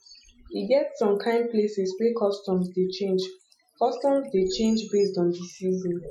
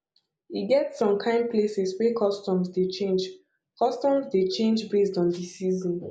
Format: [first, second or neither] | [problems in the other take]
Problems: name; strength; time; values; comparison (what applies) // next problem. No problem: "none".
second | noise reduction (classical method Wiener filter)